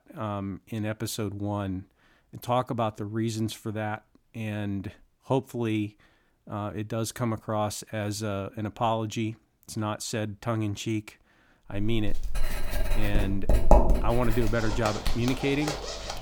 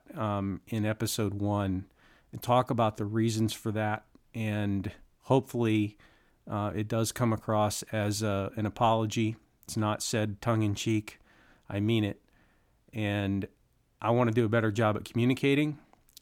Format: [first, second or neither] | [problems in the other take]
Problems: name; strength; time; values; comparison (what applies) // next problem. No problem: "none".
second | household noises; very loud; from 12 s on; 1 dB above the speech